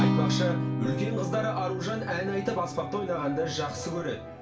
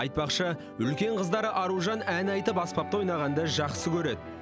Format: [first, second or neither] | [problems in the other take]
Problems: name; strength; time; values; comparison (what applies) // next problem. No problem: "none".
second | background sound (Acoustic guitar); 1 dB below the speech // room echo; dies away in 0.3 s